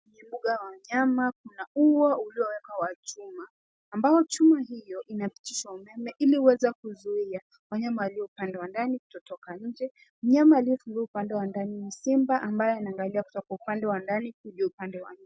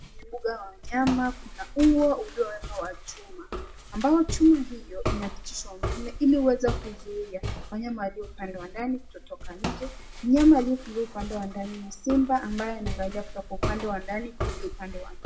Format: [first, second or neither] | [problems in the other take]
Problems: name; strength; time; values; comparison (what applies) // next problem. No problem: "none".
first | background sound (Walk, footsteps); 8 dB below the speech // room echo; dies away in 0.4 s